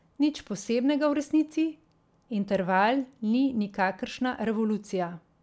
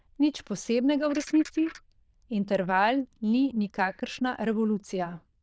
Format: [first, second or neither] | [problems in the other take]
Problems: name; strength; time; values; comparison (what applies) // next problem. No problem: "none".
first | noise reduction (neural diffusion model UNIVERSE++)